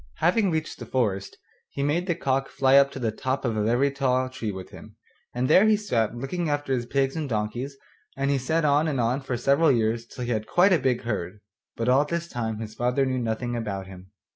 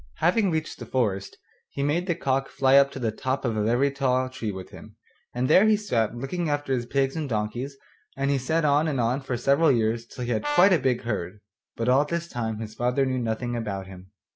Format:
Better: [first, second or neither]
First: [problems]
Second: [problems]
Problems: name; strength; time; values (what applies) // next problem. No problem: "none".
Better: first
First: none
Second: background sound (Brass instrument); 8 dB below the speech